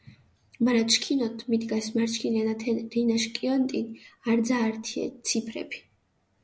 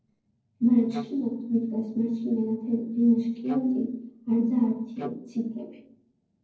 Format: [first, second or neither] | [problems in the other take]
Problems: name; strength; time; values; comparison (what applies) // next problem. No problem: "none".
first | noise reduction (neural separator model SepFormer DNS4)